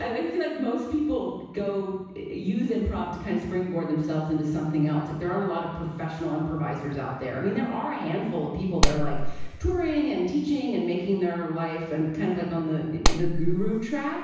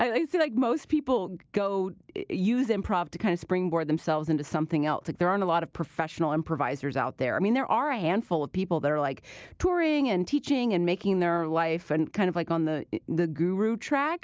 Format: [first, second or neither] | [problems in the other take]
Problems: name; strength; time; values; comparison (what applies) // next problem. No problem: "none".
second | background sound (Clapping); 4 dB above the speech // room echo; dies away in 1.1 s